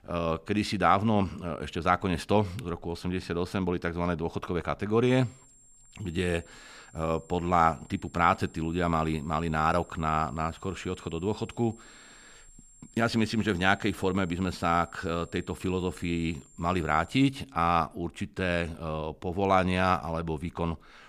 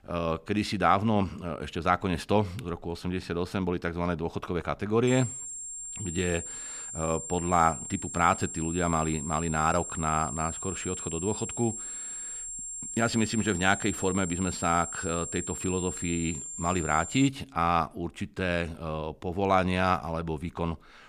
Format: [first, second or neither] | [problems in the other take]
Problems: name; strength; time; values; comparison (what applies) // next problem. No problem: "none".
first | high-pitched whine; loud; from 5 to 17 s; 7.5 kHz, 7 dB below the speech; faint in the first